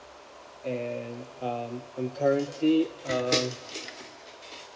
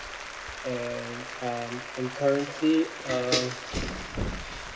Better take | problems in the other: first | background sound (Thump, thud + Applause); 7 dB below the speech

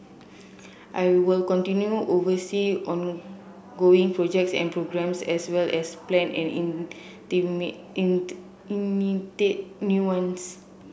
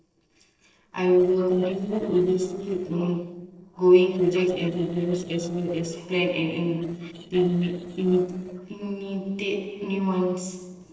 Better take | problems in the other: first | noise reduction (neural separator model SepFormer DNS4)

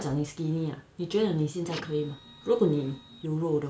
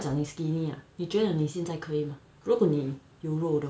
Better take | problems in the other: second | background sound (Printer); 17 dB below the speech

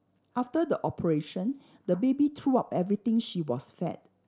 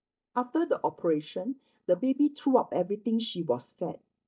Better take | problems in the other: first | noise reduction (neural mask model DeepFilterNet 3)

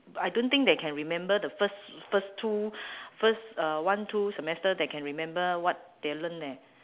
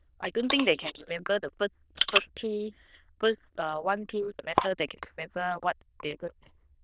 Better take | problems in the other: first | noise reduction (neural diffusion model UNIVERSE++)

